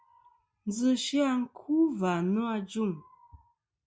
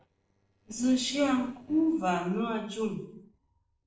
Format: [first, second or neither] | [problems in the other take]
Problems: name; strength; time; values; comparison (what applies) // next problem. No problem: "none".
first | noise reduction (neural separator model SepFormer DNS4)